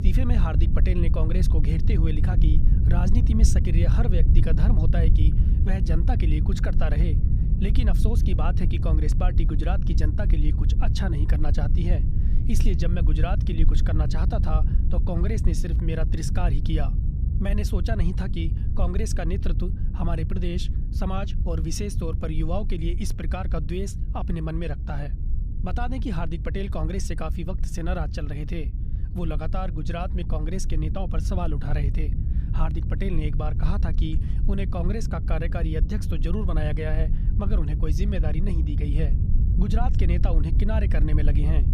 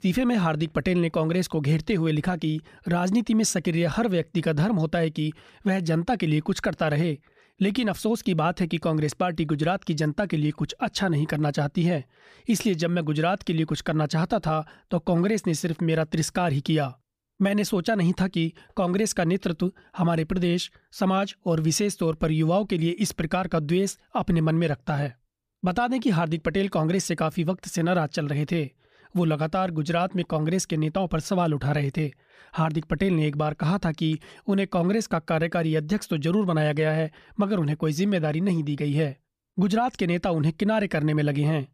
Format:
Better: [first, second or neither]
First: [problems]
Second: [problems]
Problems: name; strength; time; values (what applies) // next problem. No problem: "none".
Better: second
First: low rumble; loud; throughout; 6 dB below the speech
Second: none